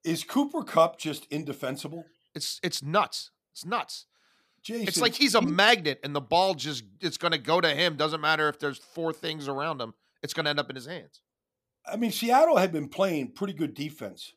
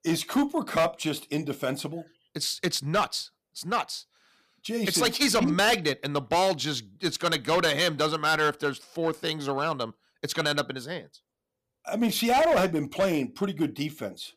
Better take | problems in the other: first | distortion; heavy; 6% of the sound clipped

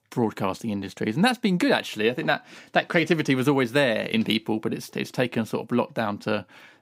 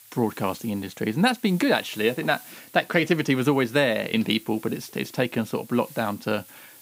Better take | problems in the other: first | hiss; faint; throughout; 20 dB below the speech

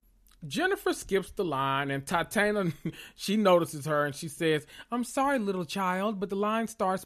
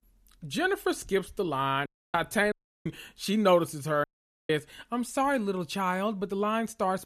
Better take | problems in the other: first | audio cutting out; at 2 s, at 2.5 s and at 4 s

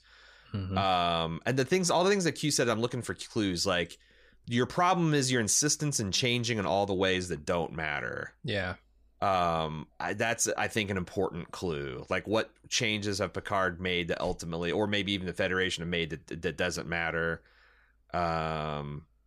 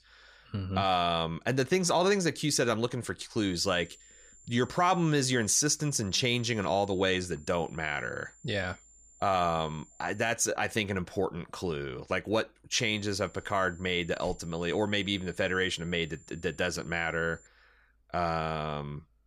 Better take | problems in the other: first | high-pitched whine; faint; from 3.5 to 10 s and from 13 to 17 s; 7 kHz, 25 dB below the speech

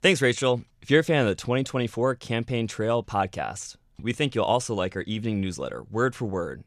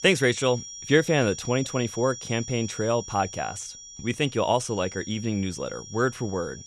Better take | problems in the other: first | high-pitched whine; noticeable; throughout; 5.5 kHz, 10 dB below the speech

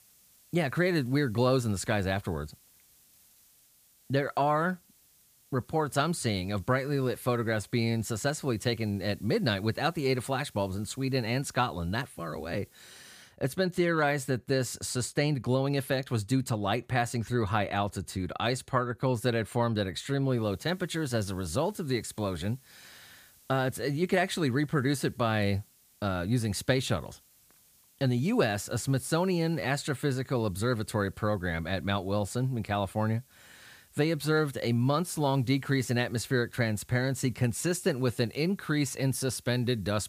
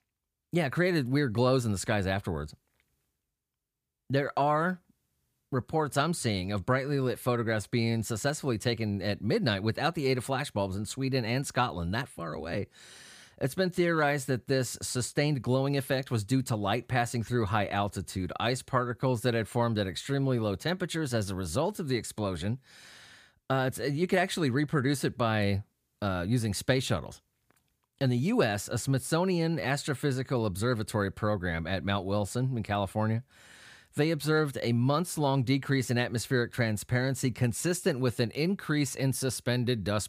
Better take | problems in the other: second | hiss; faint; until 13 s and from 20 s on; 30 dB below the speech

